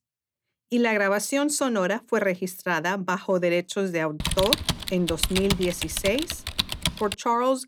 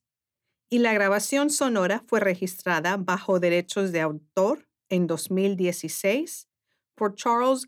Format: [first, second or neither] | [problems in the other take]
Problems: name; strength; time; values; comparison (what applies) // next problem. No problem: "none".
second | keyboard typing; loud; from 4 to 7 s; peak 2 dB above the speech